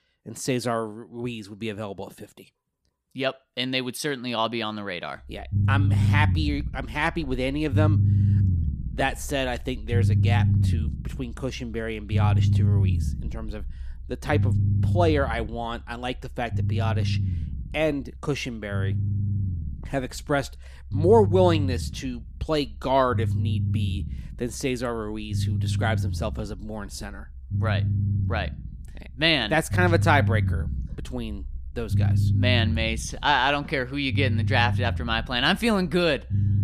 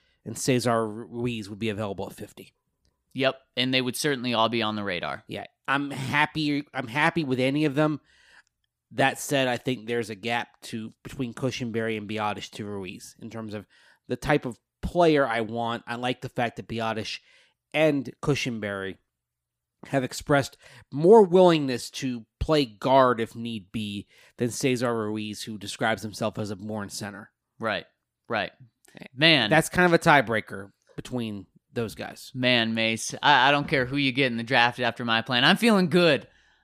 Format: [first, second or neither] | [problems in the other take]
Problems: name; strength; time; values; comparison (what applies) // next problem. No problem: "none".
second | low rumble; noticeable; from 5 s on; 10 dB below the speech